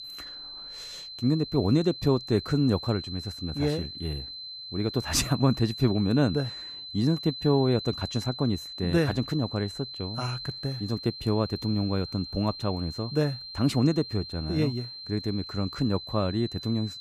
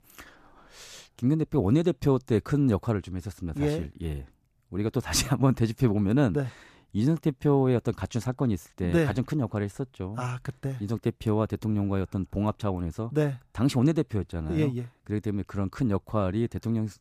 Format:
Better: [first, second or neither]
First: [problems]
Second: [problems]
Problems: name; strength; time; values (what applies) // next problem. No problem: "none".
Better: second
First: high-pitched whine; loud; throughout; 4 kHz, 10 dB below the speech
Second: none